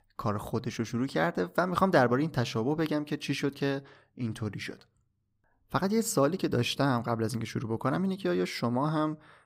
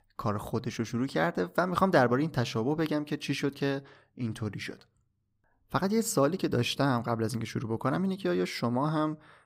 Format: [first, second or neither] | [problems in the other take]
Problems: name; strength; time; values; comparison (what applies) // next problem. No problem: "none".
neither | none